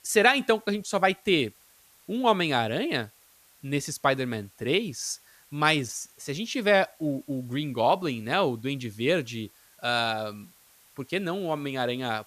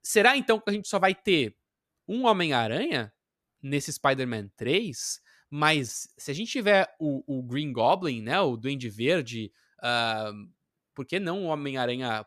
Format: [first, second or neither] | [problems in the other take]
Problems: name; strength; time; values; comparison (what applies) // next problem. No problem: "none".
second | hiss; faint; throughout; 30 dB below the speech